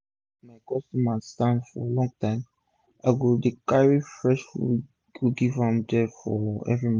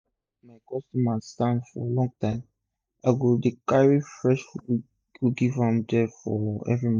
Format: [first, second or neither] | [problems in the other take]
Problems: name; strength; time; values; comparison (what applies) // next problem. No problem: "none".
first | noise reduction (neural mask model DeepFilterNet 3)